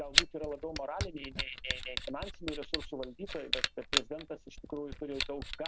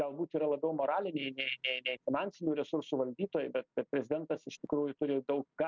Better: second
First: background sound (Camera); 4 dB above the speech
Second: none

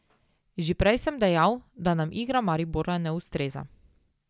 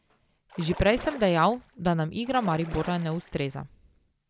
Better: first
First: none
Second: background sound (Splash, splatter); 17 dB below the speech

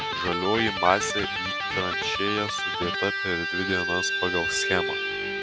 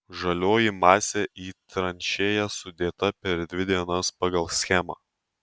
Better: second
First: background sound (Electric guitar); as loud as the speech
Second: none

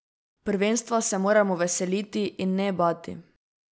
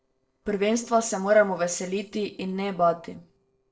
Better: first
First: none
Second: noise reduction (neural separator model SepFormer DNS4)

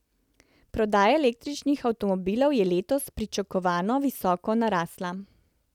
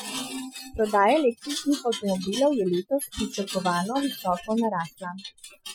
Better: first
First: none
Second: noise reduction (classical method Wiener filter)

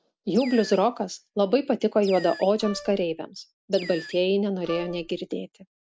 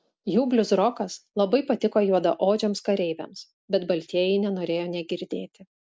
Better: second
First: background sound (Animal + Wind instrument, woodwind instrument); 18 dB below the speech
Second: none

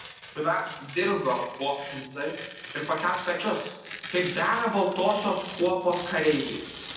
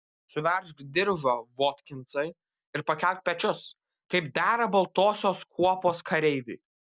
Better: second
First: background sound (Tearing); 14 dB below the speech // room echo; dies away in 0.9 s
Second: none

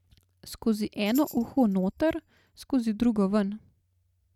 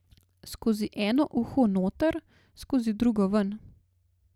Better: second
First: noise reduction (neural mask model RNNoise)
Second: none

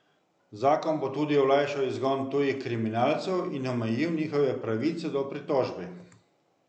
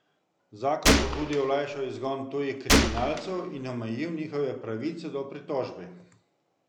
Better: first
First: none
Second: background sound (Gunshot, gunfire); 5 dB above the speech

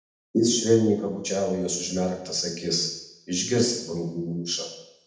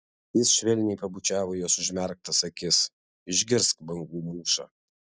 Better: second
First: room echo; dies away in 0.8 s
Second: none

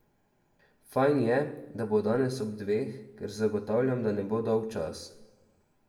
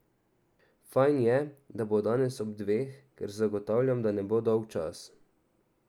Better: second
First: room echo; dies away in 0.7 s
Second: none

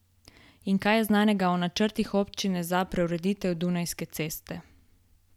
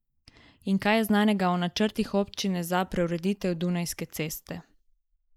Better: first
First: none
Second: noise reduction (neural mask model Resemble Enhance denoiser)

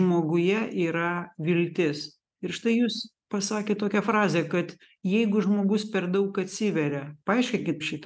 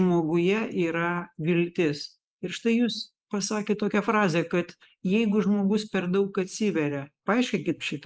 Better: first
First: none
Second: noise reduction (neural mask model Resemble Enhance denoiser)

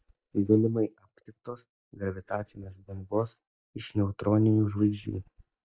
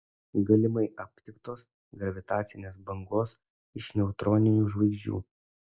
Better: second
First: noise reduction (neural mask model DeepFilterNet 3)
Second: none

